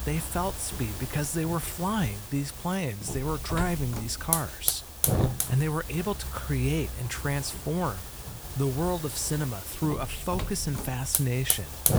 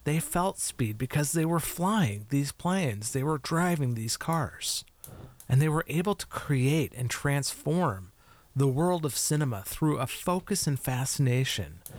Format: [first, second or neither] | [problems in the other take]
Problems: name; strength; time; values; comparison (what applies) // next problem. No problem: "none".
second | hiss; loud; throughout; 2 dB below the speech; faint in the second